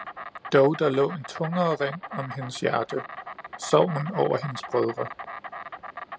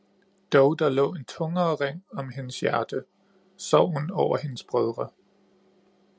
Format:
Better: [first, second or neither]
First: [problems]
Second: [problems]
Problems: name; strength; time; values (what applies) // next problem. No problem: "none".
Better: second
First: background sound (Insect); 12 dB below the speech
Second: none